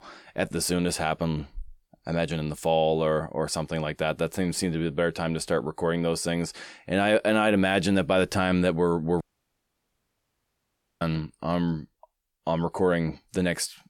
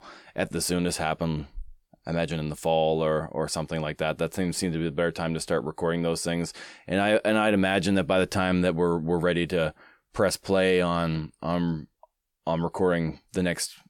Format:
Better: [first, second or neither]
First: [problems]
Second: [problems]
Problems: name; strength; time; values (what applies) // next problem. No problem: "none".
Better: second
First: audio cutting out; at 9 s for 2 s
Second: none